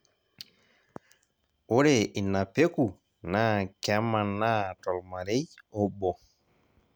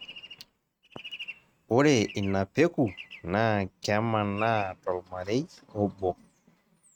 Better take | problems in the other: first | noise reduction (neural mask model RNNoise)

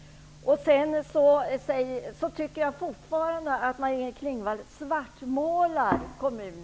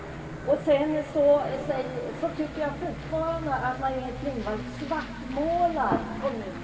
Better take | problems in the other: first | background sound (Aircraft); 10 dB below the speech // room echo; dies away in 2.4 s

